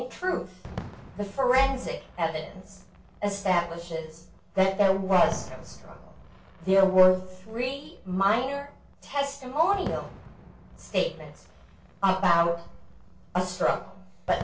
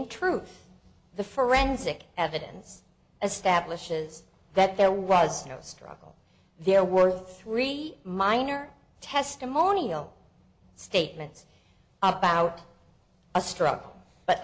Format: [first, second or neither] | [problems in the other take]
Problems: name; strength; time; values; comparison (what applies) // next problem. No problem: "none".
second | background sound (Fireworks); 18 dB below the speech // room echo; dies away in 0.2 s